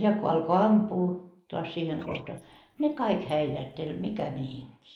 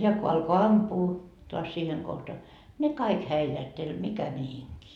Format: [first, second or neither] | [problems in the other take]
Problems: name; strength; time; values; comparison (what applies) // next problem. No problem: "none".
second | noise reduction (neural mask model Resemble Enhance denoiser)